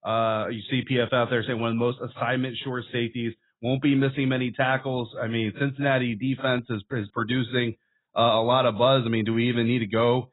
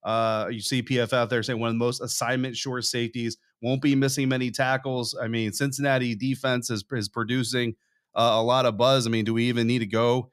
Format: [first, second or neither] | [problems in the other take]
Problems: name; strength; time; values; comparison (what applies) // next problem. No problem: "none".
second | garbled, watery; badly; nothing above 4 kHz